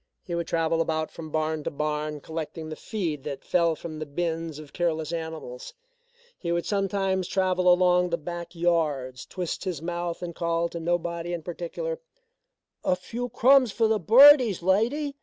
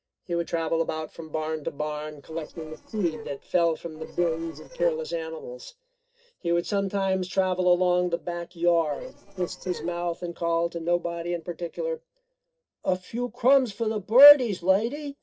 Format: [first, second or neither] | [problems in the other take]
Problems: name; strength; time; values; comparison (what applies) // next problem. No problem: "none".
first | noise reduction (neural separator model SepFormer DNS4)